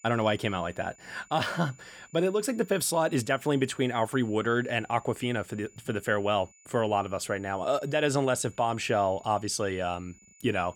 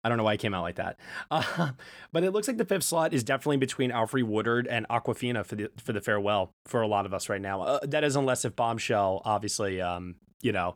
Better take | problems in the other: second | high-pitched whine; faint; throughout; 7 kHz, 25 dB below the speech

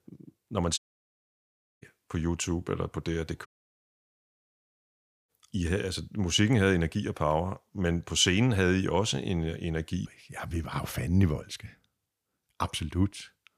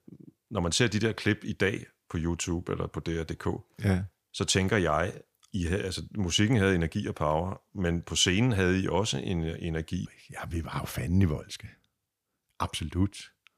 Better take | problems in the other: second | audio cutting out; at 1 s for 1 s and at 3.5 s for 2 s

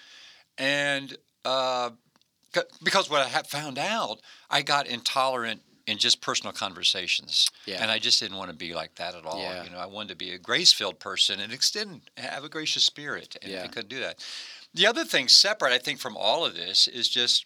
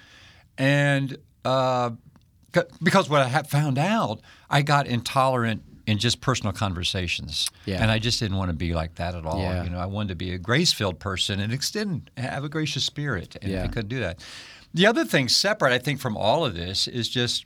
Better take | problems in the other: second | thin; somewhat; fading below 350 Hz

